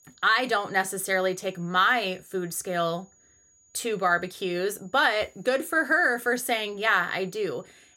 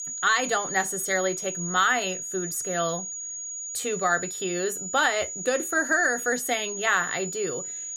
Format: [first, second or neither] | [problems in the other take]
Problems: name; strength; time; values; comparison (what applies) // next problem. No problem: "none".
first | high-pitched whine; loud; throughout; 6.5 kHz, 5 dB below the speech; faint in the first